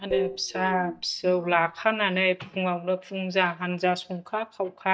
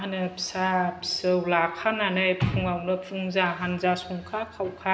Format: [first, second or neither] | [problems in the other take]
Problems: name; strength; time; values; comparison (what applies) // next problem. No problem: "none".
second | noise reduction (neural mask model DeepFilterNet 3)